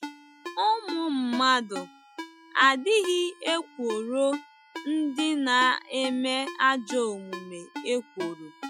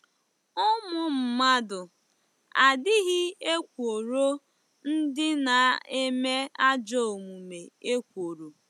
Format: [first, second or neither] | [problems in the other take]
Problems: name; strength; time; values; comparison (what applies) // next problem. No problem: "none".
second | noise reduction (classical method Wiener filter)